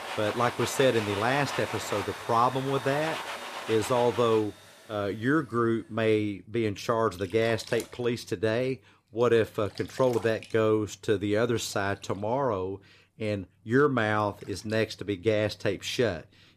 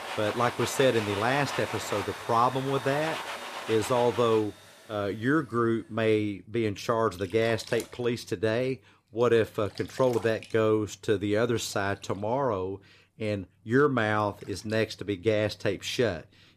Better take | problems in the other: neither | household noises; loud; throughout; 9 dB below the speech; the same in both

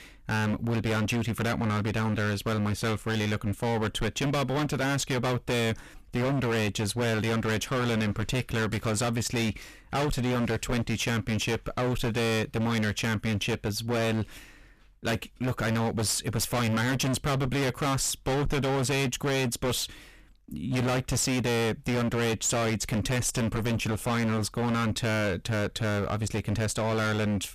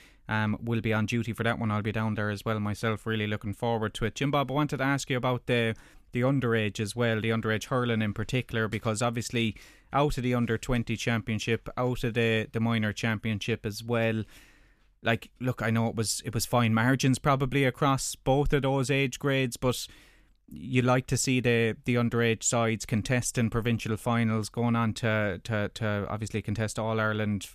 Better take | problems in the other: second | distortion; heavy; 34% of the sound clipped

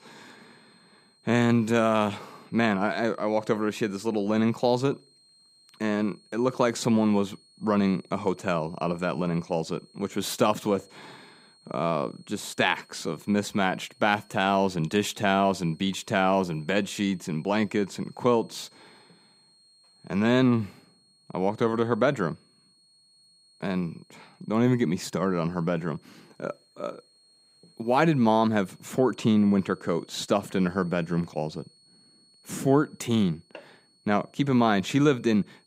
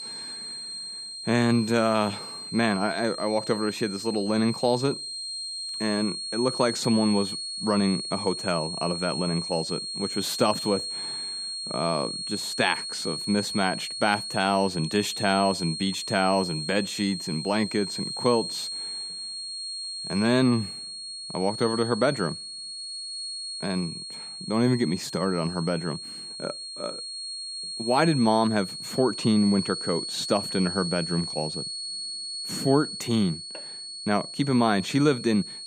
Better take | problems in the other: first | high-pitched whine; loud; throughout; 4.5 kHz, 6 dB below the speech; faint in the first

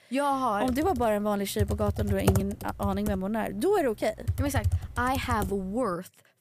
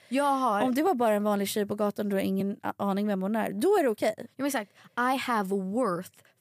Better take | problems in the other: second | keyboard typing; loud; from 0.5 to 5.5 s; peak 1 dB above the speech

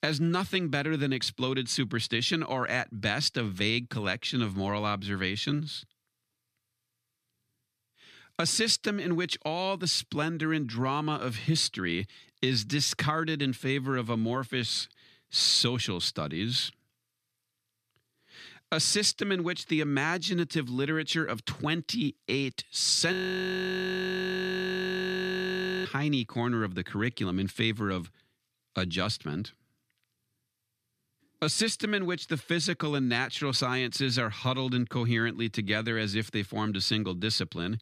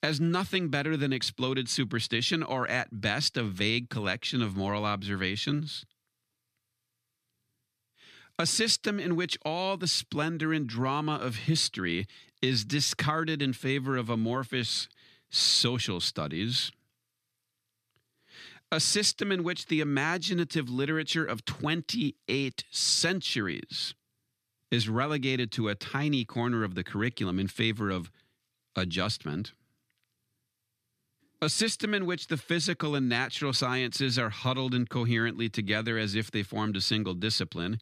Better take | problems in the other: second | audio freezing; at 23 s for 2.5 s

